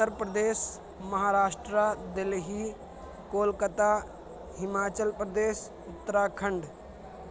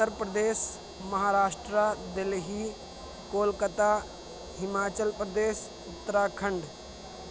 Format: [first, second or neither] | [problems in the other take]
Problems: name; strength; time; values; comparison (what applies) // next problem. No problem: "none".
first | background sound (Domestic sounds, home sounds); 19 dB below the speech